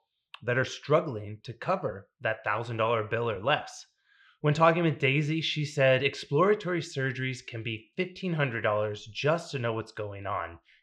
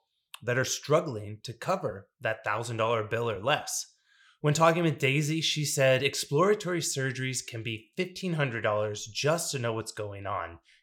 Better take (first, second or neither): second